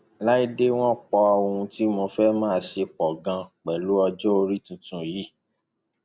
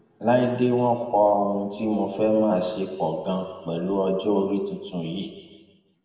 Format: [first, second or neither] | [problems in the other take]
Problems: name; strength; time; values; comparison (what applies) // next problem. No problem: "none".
first | room echo; dies away in 1.3 s